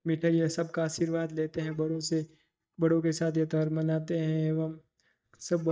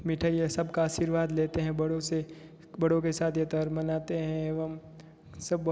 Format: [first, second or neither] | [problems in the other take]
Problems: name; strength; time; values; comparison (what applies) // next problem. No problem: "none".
second | noise reduction (neural mask model DeepFilterNet 3)